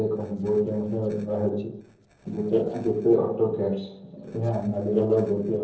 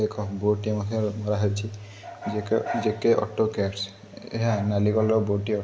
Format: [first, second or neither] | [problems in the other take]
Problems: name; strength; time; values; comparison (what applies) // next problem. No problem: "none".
second | noise reduction (neural separator model SepFormer DNS4)